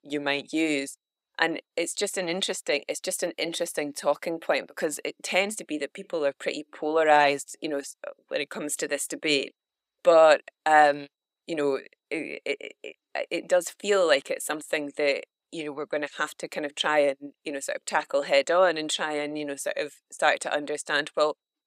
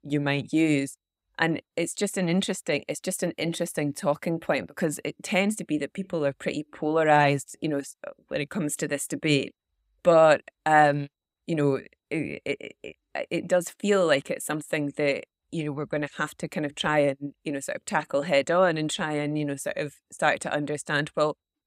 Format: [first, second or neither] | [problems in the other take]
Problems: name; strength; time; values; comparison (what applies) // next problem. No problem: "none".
second | thin; somewhat; fading below 450 Hz